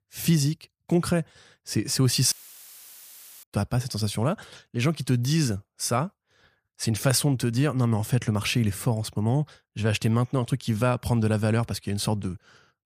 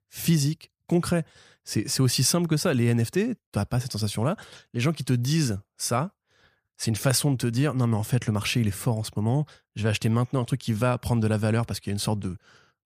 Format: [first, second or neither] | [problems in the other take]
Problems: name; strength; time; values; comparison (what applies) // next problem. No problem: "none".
second | audio cutting out; filled with static; at 2.5 s for 1 s